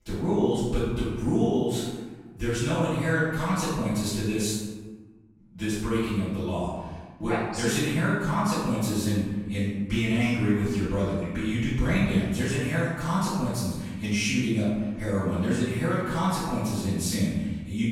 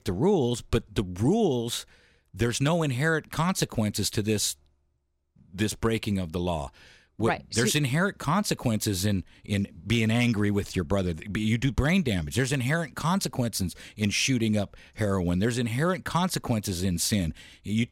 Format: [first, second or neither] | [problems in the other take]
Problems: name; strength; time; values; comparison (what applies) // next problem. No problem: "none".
second | room echo; strong; dies away in 1.2 s // off-mic speech; far